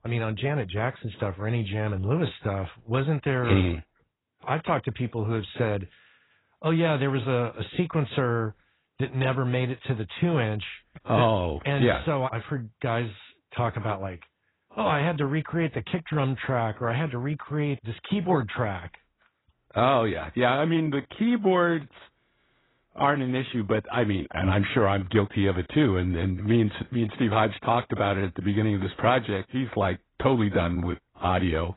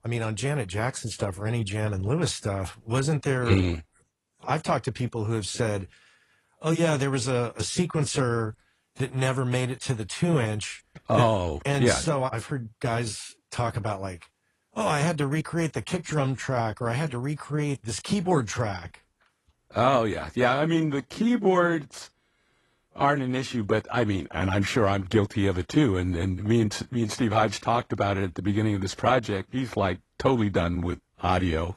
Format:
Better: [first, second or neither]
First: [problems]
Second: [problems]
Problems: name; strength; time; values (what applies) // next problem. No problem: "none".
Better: second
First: garbled, watery; badly; nothing above 4 kHz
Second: garbled, watery; slightly